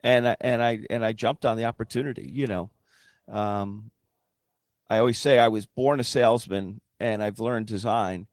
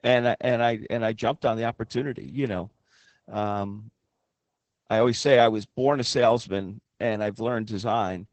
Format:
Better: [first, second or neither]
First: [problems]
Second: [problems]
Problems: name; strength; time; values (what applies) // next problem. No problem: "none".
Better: first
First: garbled, watery; slightly; nothing above 15.5 kHz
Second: garbled, watery; badly; nothing above 8 kHz